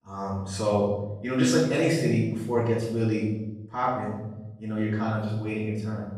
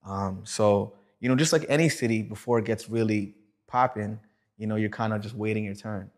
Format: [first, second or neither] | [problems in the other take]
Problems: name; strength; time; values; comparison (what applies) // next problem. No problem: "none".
second | off-mic speech; far // room echo; noticeable; dies away in 1.1 s